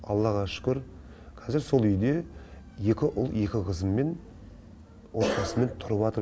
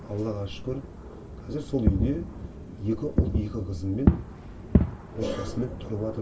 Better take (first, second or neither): first